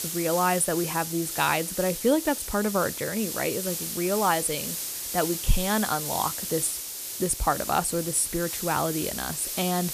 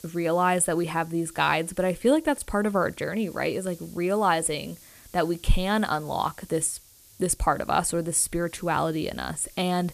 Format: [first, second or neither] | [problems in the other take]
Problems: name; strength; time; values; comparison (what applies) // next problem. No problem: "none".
second | hiss; loud; throughout; 4 dB below the speech; faint in the second